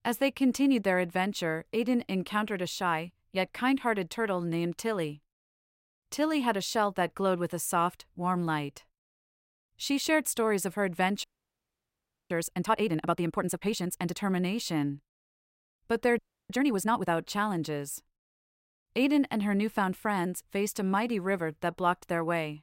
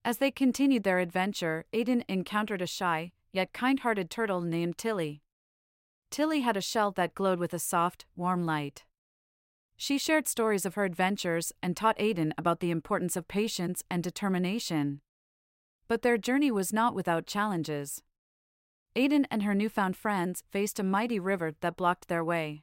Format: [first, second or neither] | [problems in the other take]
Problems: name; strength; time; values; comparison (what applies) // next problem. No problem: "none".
second | audio freezing; at 11 s for 1 s and at 16 s